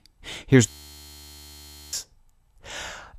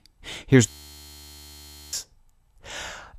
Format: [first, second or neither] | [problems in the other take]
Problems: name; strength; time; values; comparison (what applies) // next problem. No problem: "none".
neither | audio freezing; at 0.5 s for 1 s; the same in both